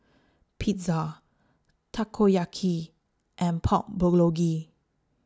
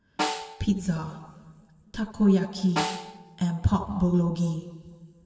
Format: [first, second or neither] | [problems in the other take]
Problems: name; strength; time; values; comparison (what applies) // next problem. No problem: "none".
first | background sound (Snare drum); 10 dB below the speech // room echo; dies away in 2.2 s